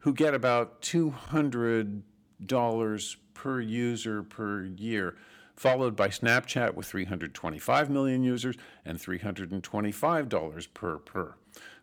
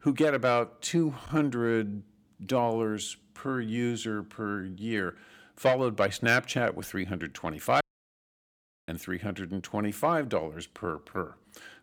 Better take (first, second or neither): first